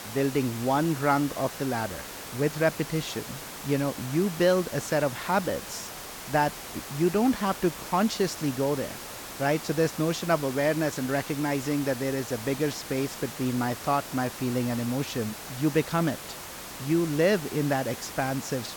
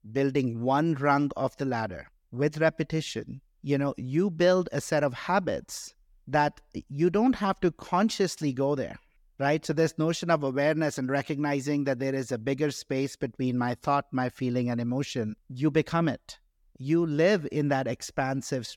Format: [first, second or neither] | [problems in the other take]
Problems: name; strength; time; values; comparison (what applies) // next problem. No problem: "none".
second | hiss; noticeable; throughout; 10 dB below the speech